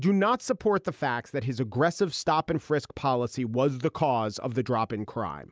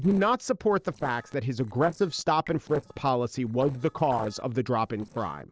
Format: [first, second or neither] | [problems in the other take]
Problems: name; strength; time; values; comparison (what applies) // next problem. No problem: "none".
first | noise reduction (neural separator model SepFormer DNS4)